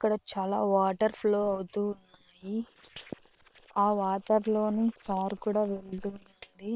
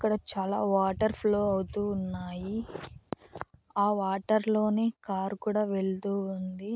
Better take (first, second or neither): second